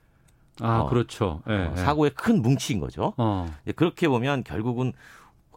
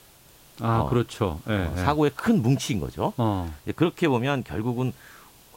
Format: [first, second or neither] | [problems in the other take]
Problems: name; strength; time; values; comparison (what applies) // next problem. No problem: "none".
first | hiss; faint; throughout; 25 dB below the speech